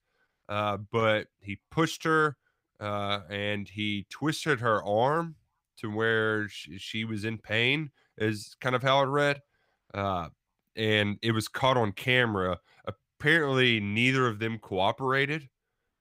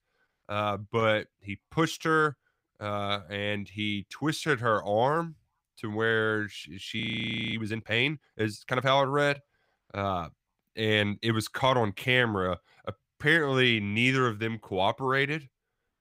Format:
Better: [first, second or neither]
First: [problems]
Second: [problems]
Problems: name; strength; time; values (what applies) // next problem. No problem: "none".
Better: first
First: none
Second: audio freezing; at 7 s for 0.5 s